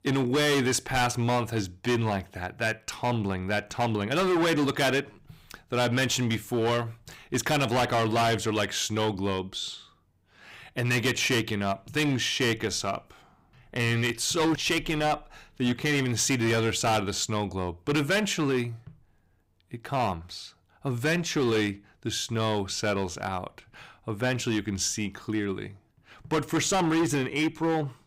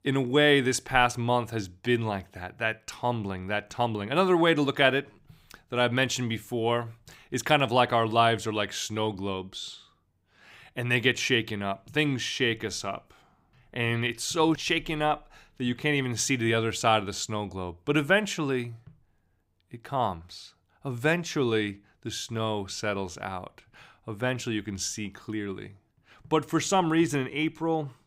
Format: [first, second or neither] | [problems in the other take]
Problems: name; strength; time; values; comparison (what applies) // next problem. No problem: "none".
second | distortion; heavy; 12% of the sound clipped